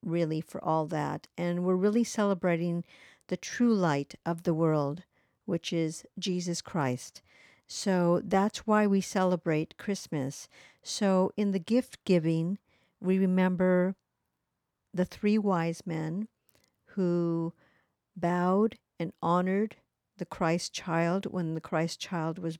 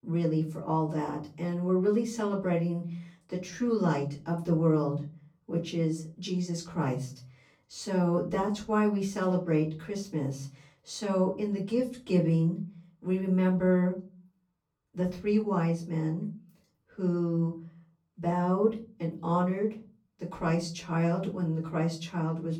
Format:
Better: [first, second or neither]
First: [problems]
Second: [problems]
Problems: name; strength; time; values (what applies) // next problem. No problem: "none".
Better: first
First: none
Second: off-mic speech; far // room echo; slight; dies away in 0.4 s